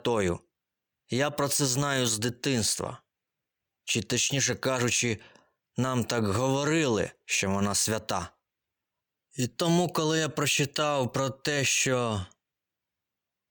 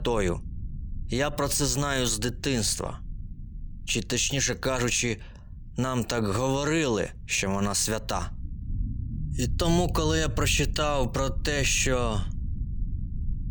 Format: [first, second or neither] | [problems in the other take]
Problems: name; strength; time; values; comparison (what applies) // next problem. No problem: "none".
first | low rumble; faint; throughout; 25 dB below the speech